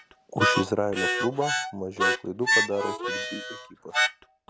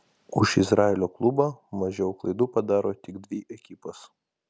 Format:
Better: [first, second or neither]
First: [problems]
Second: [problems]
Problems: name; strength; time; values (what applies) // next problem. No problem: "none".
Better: second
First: background sound (Harmonica); 3 dB above the speech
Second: none